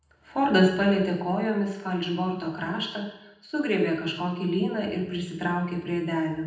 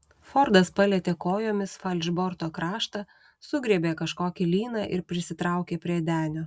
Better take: second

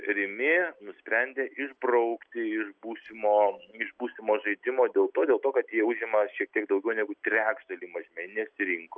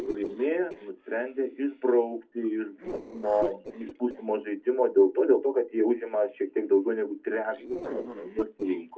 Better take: first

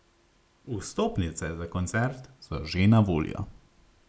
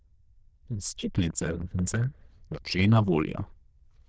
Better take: first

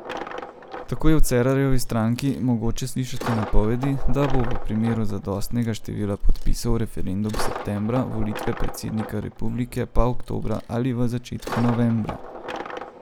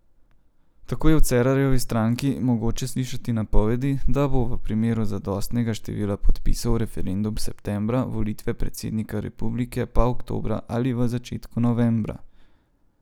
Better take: second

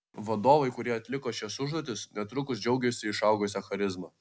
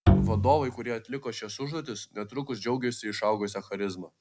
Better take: first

